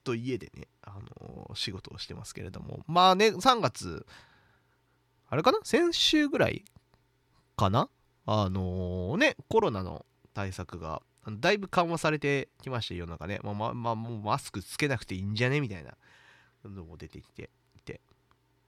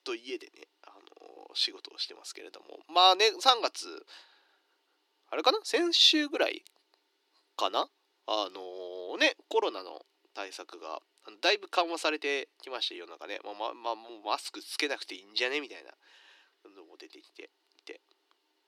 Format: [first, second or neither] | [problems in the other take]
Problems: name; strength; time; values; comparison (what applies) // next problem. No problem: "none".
first | thin; somewhat; fading below 300 Hz